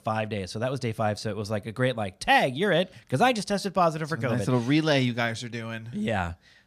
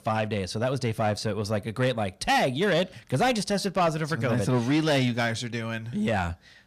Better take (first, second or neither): first